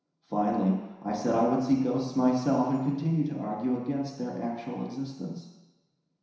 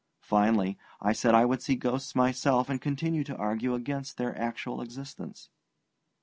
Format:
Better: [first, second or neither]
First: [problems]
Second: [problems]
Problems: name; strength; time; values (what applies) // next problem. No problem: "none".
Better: second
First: room echo; dies away in 1 s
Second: none